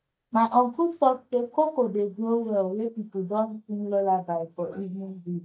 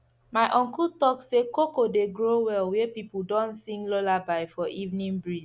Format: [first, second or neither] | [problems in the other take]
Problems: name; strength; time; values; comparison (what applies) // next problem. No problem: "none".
second | noise reduction (neural mask model DeepFilterNet 3)